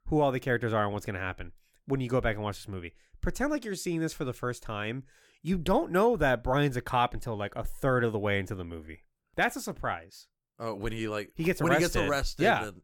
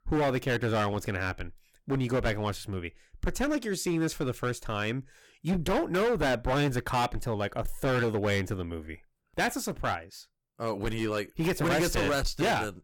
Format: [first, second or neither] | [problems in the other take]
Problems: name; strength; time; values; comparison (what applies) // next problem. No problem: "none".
first | distortion; heavy; 13% of the sound clipped